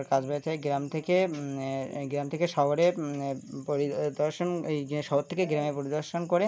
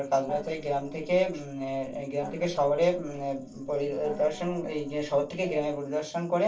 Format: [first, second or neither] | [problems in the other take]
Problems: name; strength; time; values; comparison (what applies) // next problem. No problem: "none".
first | noise reduction (neural separator model SepFormer DNS4)